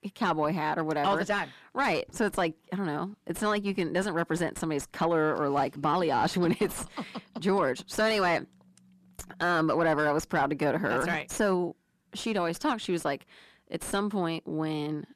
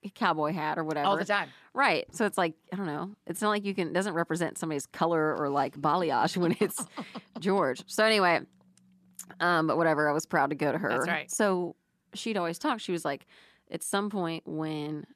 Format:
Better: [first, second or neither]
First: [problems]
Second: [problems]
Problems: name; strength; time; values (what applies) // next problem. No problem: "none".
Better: second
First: distortion; slight; 10 dB below the speech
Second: none